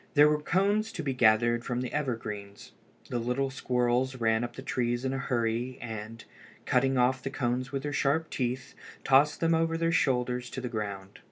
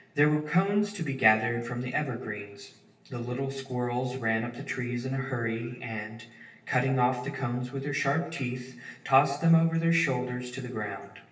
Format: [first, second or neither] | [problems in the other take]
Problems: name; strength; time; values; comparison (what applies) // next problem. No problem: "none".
first | room echo; dies away in 0.8 s